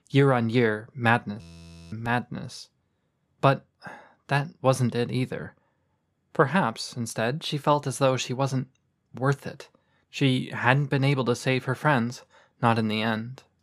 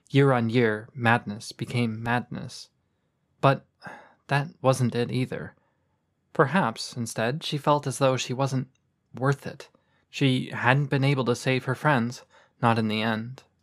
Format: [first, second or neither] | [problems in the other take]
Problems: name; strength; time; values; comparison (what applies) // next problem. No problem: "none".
second | audio freezing; at 1.5 s for 0.5 s